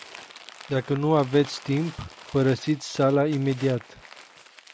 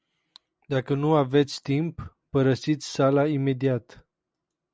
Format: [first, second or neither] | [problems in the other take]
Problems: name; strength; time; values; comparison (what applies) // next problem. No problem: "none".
second | background sound (Crumpling, crinkling); 19 dB below the speech